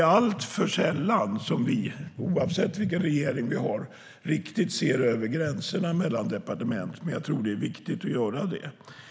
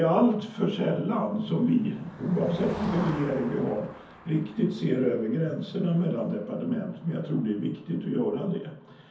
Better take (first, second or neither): first